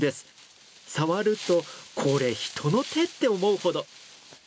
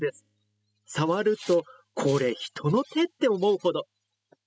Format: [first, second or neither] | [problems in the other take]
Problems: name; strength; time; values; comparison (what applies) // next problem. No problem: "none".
first | noise reduction (classical method spectral subtraction)